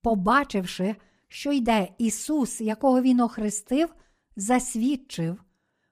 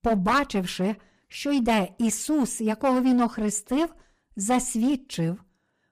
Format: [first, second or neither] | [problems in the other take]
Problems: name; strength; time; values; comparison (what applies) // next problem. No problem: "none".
first | distortion; slight; 8% of the sound clipped